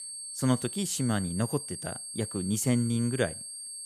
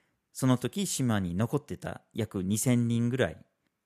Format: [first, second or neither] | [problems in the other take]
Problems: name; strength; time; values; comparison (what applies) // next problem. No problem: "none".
second | high-pitched whine; loud; throughout; 8.5 kHz, 7 dB below the speech